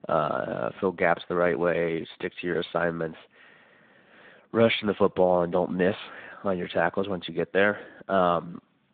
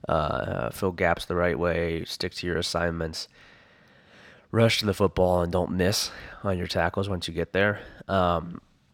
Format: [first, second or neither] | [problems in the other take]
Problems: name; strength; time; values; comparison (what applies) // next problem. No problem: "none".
second | phone-call audio; nothing above 3.5 kHz